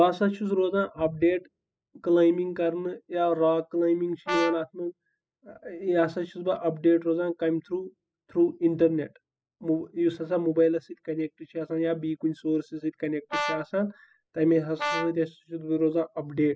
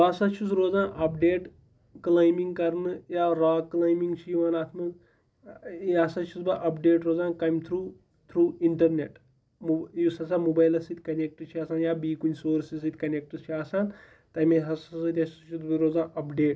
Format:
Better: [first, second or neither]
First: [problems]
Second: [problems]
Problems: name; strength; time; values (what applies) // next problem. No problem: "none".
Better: second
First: noise reduction (classical method spectral subtraction)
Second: none